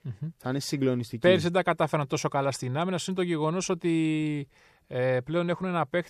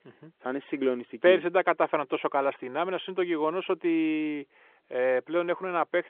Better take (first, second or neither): first